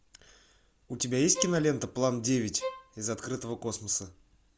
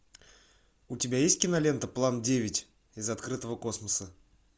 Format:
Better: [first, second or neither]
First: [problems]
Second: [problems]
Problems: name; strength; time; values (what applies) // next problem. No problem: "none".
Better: second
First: background sound (Bowed string instrument); 11 dB below the speech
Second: none